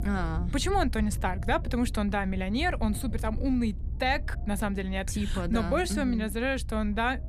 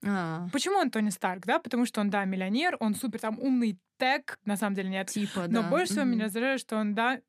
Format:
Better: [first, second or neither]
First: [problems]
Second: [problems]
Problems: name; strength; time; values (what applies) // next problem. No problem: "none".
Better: second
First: low rumble; faint; throughout; 20 dB below the speech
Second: none